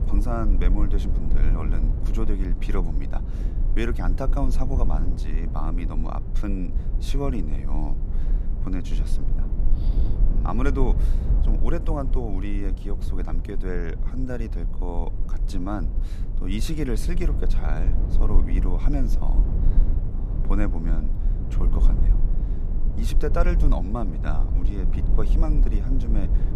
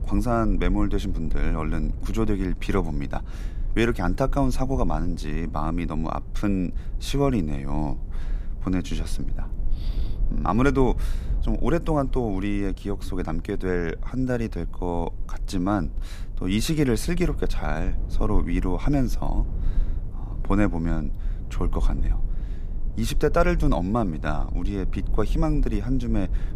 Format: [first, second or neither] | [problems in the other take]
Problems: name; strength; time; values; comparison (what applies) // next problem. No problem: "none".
second | low rumble; loud; throughout; 8 dB below the speech; faint in the second